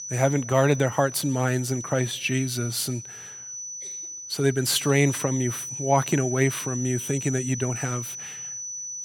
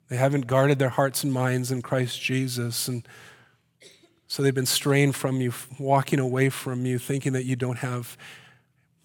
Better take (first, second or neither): second